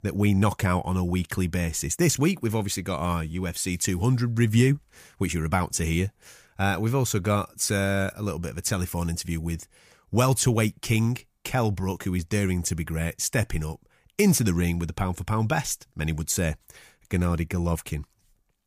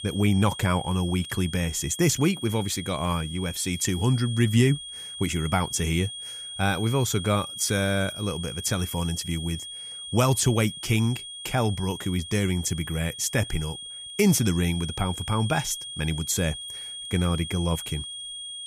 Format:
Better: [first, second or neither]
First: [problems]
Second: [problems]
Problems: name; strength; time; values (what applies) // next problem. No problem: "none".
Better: first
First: none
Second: high-pitched whine; loud; throughout; 3.5 kHz, 9 dB below the speech